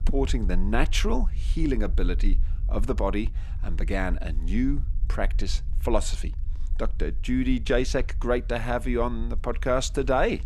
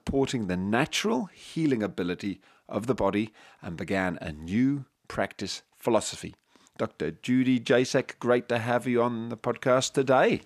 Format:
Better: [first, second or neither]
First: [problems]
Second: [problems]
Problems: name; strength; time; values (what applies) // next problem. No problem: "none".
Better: second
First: low rumble; faint; throughout; 25 dB below the speech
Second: none